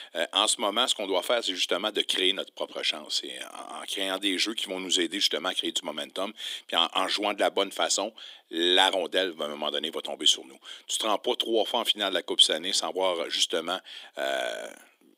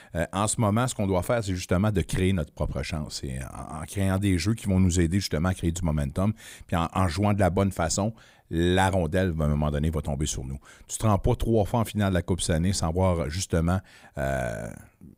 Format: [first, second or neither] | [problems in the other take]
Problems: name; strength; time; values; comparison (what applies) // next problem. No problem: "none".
second | thin; very; fading below 300 Hz